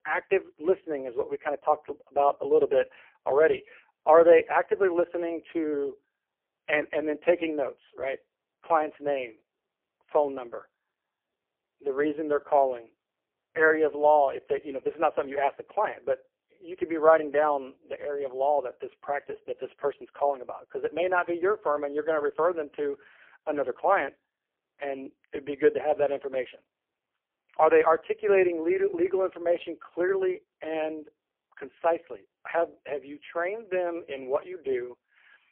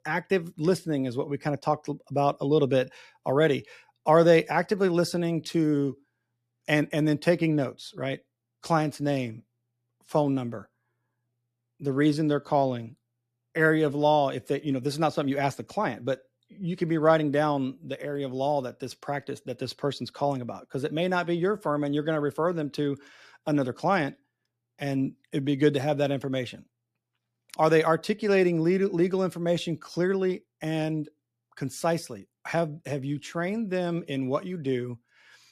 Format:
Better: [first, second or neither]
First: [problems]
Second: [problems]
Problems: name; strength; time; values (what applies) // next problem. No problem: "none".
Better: second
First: phone-call audio; poor line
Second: none